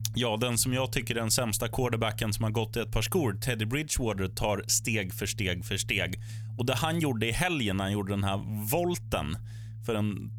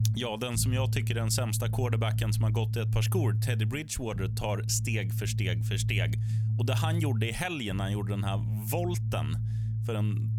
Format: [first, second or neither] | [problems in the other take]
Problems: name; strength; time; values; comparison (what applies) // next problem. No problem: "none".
first | low rumble; loud; throughout; 10 dB below the speech; faint in the first